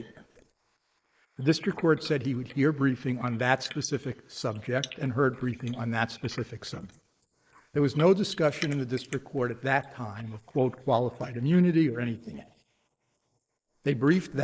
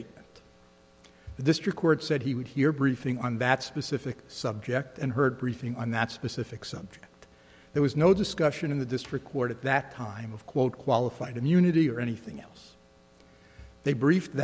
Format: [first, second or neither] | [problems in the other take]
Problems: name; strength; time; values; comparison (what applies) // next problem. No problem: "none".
second | noise reduction (neural mask model Resemble Enhance denoiser)